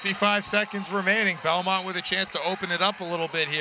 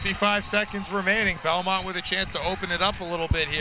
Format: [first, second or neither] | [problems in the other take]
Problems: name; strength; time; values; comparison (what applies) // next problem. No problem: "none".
first | background sound (Writing); 10 dB below the speech